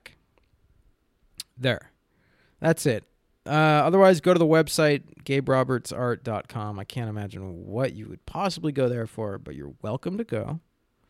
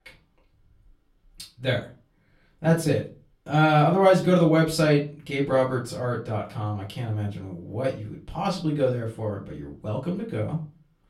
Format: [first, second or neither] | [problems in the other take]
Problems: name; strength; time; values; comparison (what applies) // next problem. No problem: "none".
first | off-mic speech; far // room echo; very slight; dies away in 0.3 s